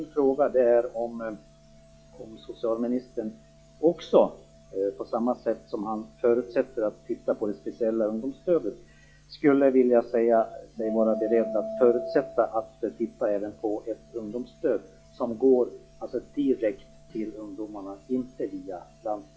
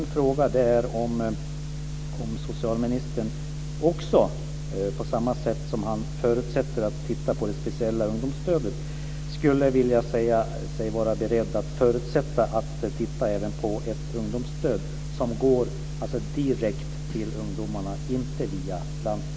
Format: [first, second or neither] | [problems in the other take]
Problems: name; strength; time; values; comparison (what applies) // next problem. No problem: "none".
second | noise reduction (classical method log-MMSE)